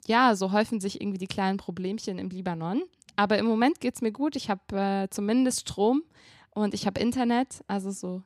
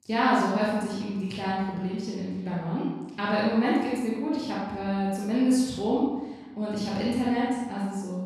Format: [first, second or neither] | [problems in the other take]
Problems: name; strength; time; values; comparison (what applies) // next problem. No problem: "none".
first | off-mic speech; far // room echo; strong; dies away in 1 s